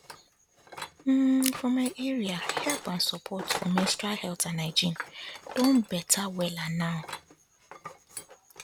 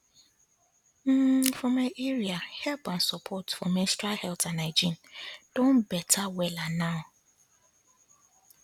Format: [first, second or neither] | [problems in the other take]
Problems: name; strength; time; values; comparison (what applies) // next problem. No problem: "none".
second | background sound (Tools); 11 dB below the speech